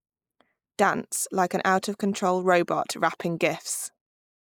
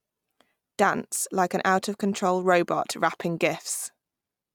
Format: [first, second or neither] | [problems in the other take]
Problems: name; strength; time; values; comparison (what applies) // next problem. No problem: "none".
second | noise reduction (neural mask model Resemble Enhance denoiser)